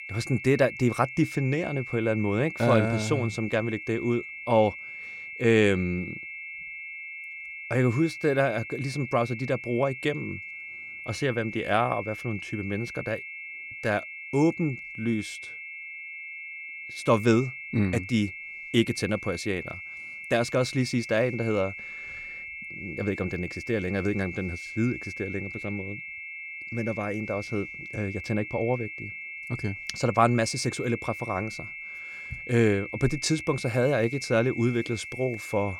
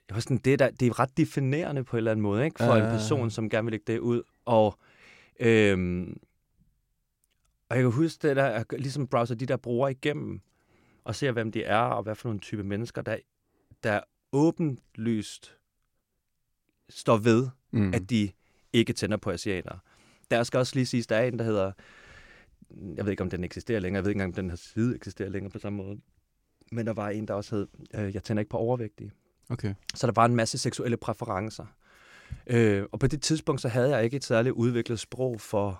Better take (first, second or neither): second